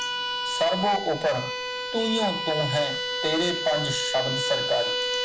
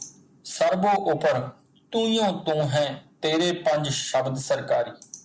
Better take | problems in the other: second | background sound (Bowed string instrument); 2 dB below the speech

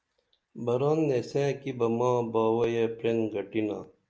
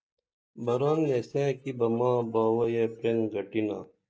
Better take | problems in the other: first | noise reduction (neural mask model DeepFilterNet 3)

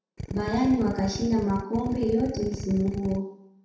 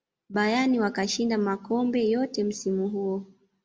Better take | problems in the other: second | background sound (Drill); 8 dB below the speech // room echo; dies away in 0.7 s

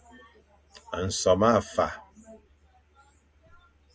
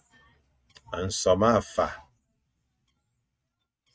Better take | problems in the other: first | noise reduction (neural mask model RNNoise)

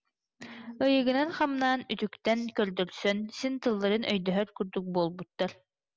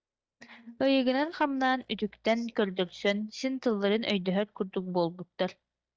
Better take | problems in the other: first | noise reduction (neural mask model DeepFilterNet 3)

